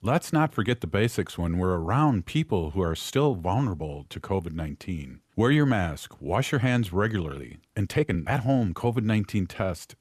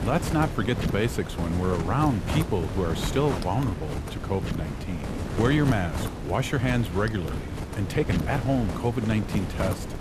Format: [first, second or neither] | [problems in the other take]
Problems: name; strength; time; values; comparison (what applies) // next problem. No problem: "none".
first | wind noise on the microphone; heavy; 7 dB below the speech